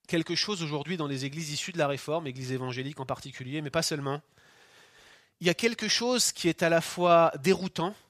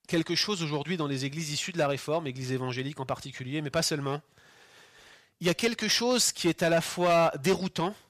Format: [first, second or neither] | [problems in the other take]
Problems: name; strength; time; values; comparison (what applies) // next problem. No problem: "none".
first | distortion; slight; 3% of the sound clipped